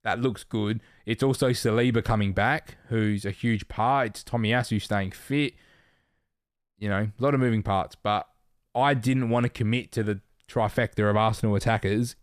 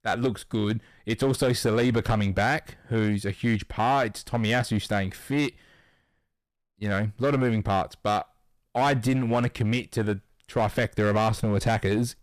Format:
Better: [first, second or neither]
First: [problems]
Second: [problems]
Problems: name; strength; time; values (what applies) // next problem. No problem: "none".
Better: first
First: none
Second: distortion; slight; 8% of the sound clipped